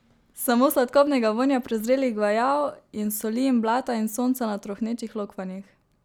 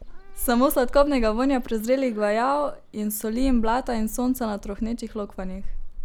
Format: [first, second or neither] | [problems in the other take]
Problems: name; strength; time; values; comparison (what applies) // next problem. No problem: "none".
first | background sound (Meow / Purr); 7 dB below the speech